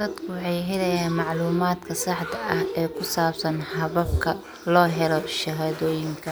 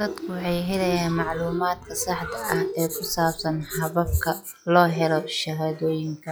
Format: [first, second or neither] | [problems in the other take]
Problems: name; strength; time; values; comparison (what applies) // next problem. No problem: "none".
first | noise reduction (classical method log-MMSE)